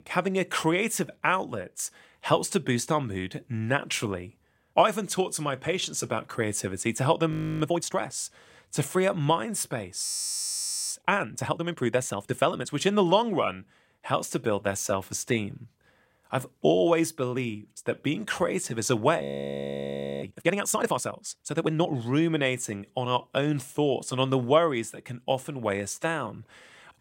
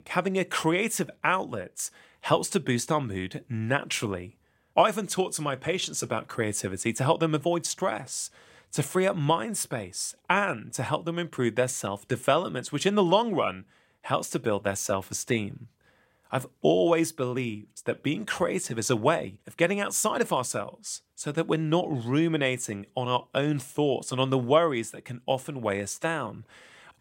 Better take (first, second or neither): second